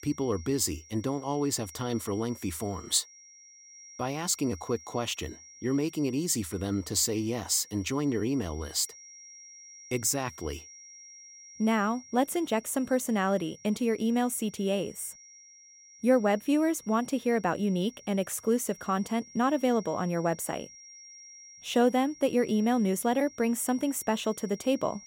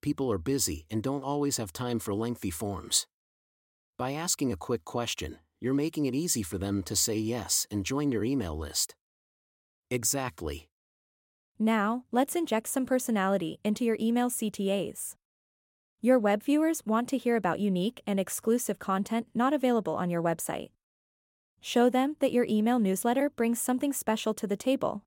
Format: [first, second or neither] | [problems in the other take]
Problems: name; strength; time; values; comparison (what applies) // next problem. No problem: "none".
second | high-pitched whine; noticeable; throughout; 5.5 kHz, 20 dB below the speech